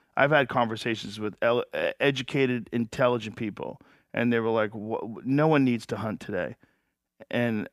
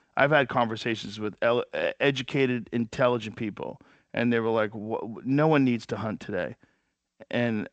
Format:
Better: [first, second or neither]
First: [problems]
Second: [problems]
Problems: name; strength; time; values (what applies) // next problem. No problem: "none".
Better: first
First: none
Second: garbled, watery; slightly; nothing above 7.5 kHz